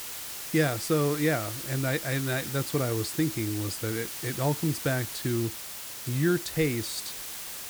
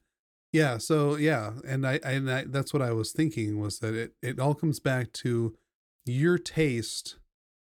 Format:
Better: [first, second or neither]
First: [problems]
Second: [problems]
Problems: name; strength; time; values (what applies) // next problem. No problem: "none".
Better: second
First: hiss; loud; throughout; 5 dB below the speech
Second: none